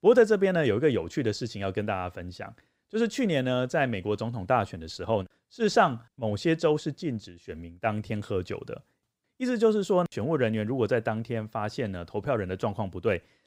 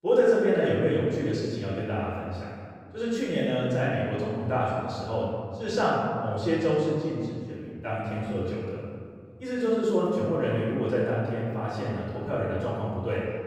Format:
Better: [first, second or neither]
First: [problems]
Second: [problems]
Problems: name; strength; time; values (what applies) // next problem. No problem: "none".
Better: first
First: none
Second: off-mic speech; far // room echo; strong; dies away in 2 s